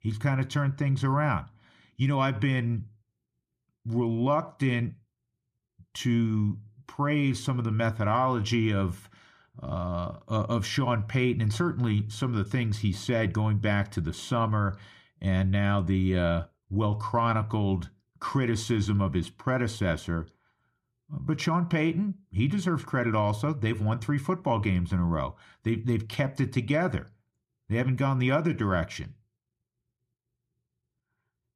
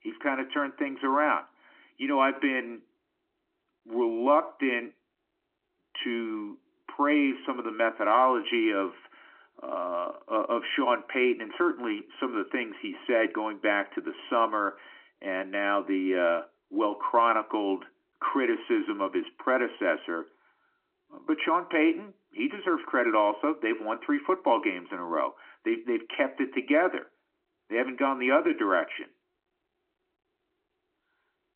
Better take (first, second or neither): first